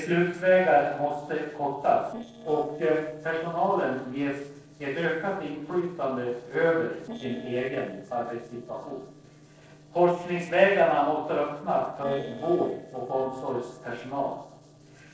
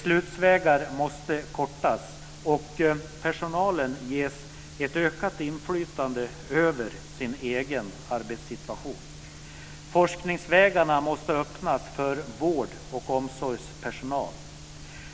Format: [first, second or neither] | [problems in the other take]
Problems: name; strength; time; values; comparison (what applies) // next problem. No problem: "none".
second | noise reduction (neural separator model SepFormer DNS4)